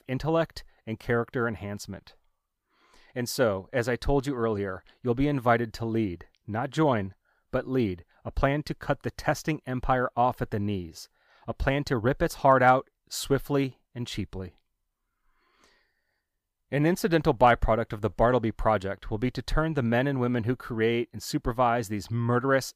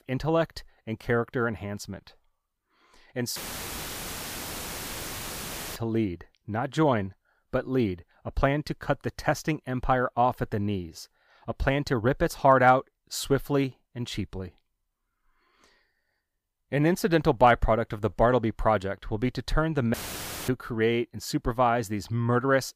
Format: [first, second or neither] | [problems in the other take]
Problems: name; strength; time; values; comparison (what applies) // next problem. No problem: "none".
first | audio cutting out; filled with static; at 3.5 s for 2.5 s and at 20 s for 0.5 s